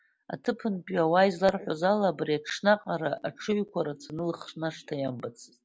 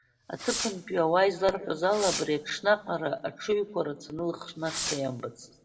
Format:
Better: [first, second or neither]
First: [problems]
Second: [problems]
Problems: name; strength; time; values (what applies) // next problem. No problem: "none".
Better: first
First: none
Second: background sound (Fireworks); 9 dB below the speech // room echo; dies away in 0.5 s